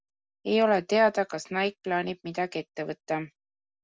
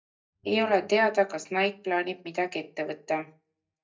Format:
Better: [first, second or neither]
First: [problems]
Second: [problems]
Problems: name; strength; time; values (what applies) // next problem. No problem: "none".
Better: first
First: none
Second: noise reduction (neural mask model DeepFilterNet 3)